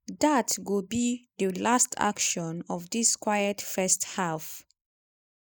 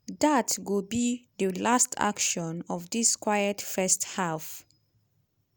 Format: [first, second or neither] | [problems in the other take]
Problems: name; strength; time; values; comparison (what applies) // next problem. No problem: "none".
second | noise reduction (neural mask model Resemble Enhance denoiser)